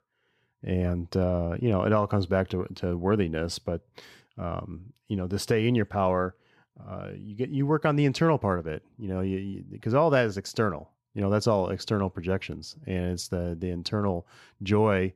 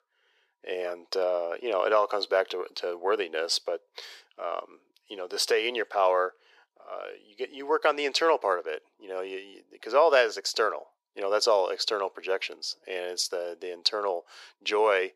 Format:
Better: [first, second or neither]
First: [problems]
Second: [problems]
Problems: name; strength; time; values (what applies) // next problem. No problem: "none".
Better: first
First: none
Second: thin; very; fading below 400 Hz